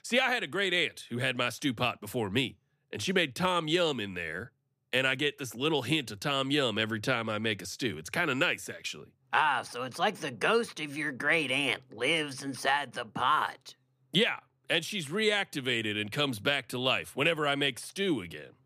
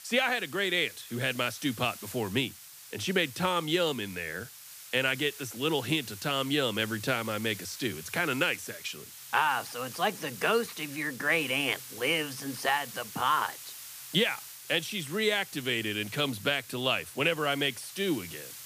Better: first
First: none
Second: hiss; noticeable; throughout; 15 dB below the speech

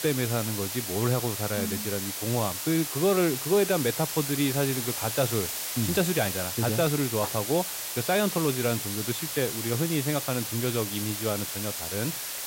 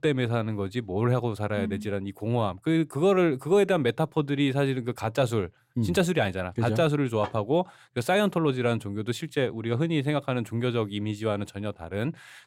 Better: second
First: hiss; loud; throughout; 3 dB below the speech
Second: none

